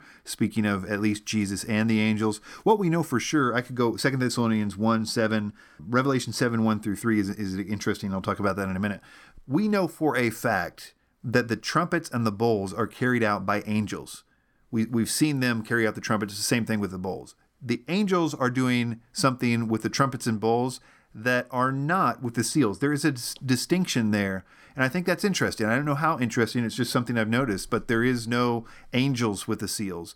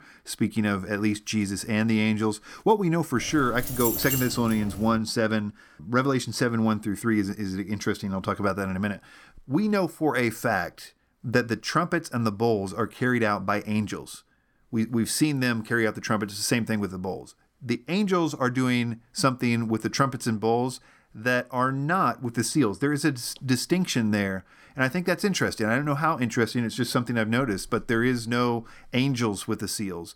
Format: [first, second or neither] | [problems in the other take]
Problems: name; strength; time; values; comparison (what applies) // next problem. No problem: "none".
first | jangling keys; loud; from 3 to 5 s; peak level with the speech